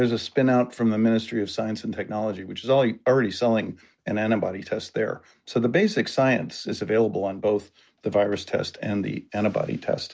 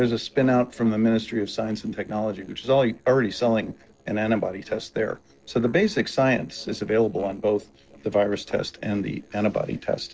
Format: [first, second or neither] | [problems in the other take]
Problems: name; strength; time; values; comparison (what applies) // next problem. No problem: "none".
first | noise reduction (neural separator model SepFormer DNS4)